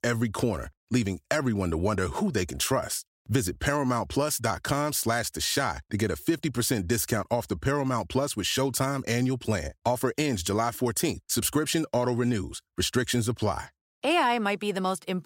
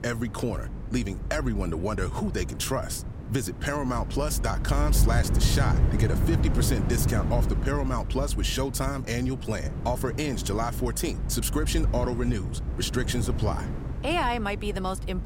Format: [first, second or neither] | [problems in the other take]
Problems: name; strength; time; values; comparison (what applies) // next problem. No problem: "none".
first | wind noise on the microphone; heavy; 10 dB below the speech